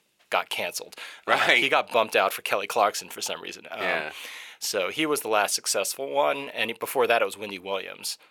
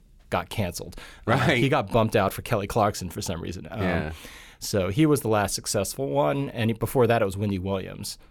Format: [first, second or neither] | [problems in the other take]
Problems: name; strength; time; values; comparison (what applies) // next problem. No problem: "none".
second | thin; very; fading below 550 Hz